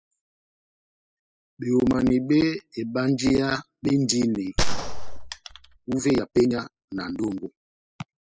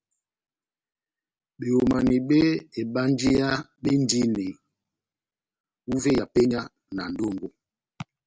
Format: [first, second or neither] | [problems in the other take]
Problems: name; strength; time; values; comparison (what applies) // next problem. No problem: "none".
second | noise reduction (classical method spectral subtraction)